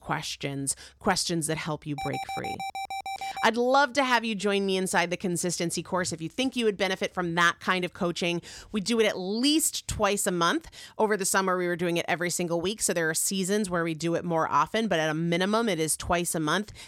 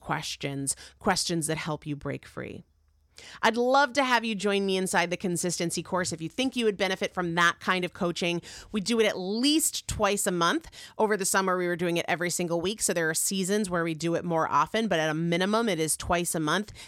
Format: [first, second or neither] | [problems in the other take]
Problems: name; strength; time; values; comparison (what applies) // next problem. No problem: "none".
second | alarm; noticeable; from 2 to 3.5 s; peak 7 dB below the speech